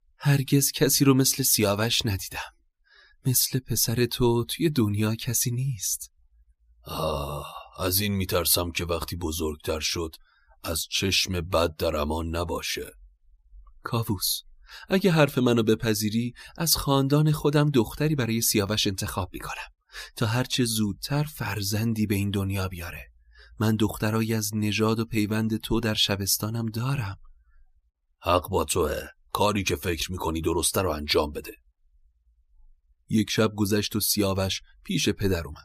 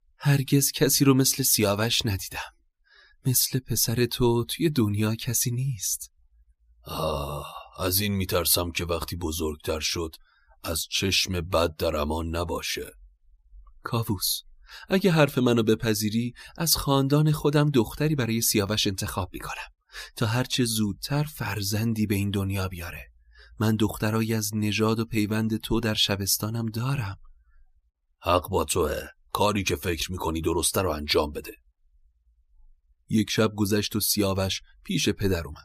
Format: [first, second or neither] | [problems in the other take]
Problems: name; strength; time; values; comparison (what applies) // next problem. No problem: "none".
neither | none